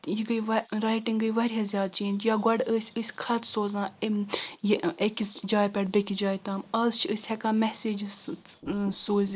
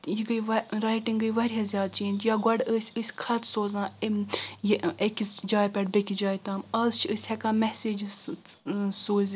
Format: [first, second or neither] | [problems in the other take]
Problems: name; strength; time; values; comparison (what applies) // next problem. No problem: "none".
second | noise reduction (neural mask model Resemble Enhance denoiser)